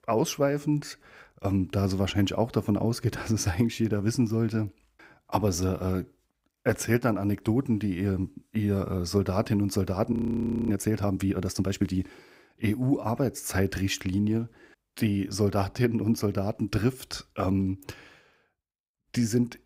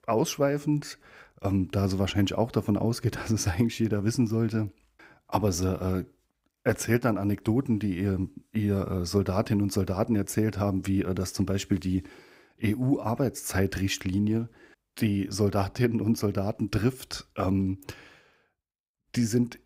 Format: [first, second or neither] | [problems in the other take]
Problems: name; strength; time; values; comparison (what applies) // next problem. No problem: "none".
second | audio freezing; at 10 s for 0.5 s